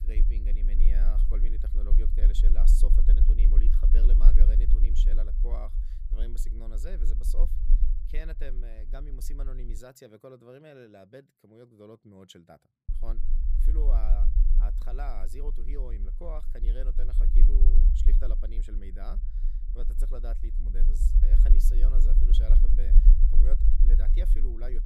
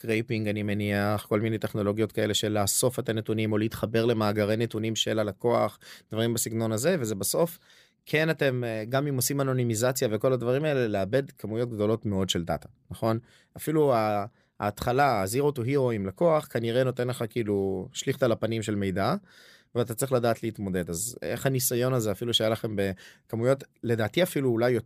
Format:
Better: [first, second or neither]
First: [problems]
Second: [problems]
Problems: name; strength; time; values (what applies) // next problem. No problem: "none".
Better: second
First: low rumble; loud; until 10 s and from 13 s on; 4 dB below the speech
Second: none